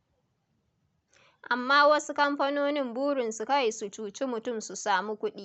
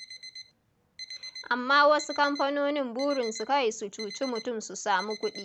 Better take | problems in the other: first | background sound (Alarm); 16 dB below the speech

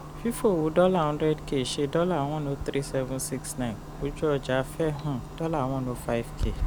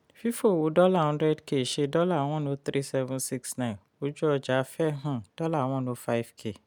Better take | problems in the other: second | background sound (Clock); 9 dB below the speech

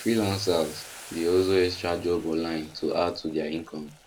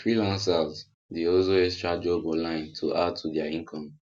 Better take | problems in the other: second | background sound (Boiling); 19 dB below the speech

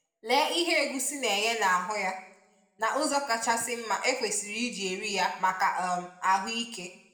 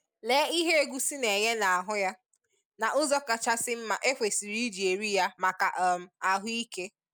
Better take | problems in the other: second | room echo; dies away in 0.7 s

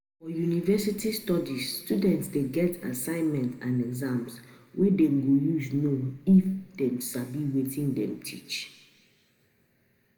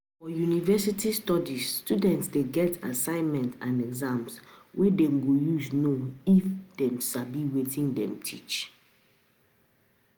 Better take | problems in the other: second | room echo; dies away in 0.9 s

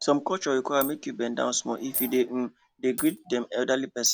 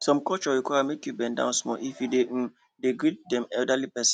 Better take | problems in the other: second | background sound (Coin (dropping)); 13 dB below the speech

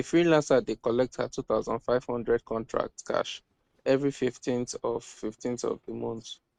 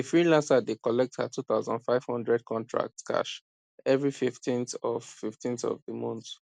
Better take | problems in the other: second | noise reduction (neural mask model RNNoise)

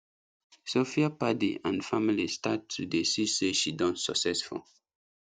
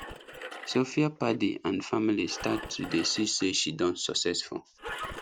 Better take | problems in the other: first | background sound (Engine); 14 dB below the speech

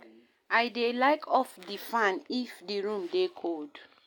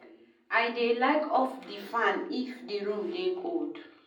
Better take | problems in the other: first | room echo; dies away in 0.6 s

